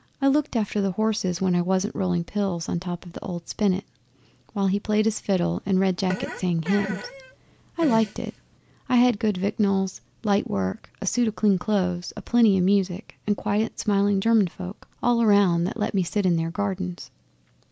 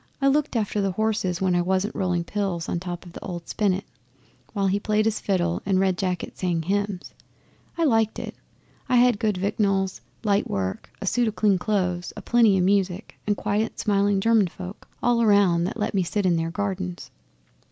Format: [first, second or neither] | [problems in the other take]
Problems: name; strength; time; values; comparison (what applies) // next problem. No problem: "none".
second | background sound (Fart); 13 dB below the speech